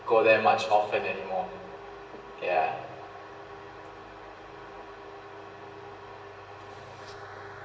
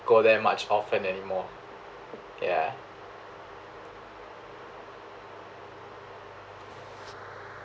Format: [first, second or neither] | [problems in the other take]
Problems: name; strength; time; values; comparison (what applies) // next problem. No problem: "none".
second | room echo; dies away in 1.2 s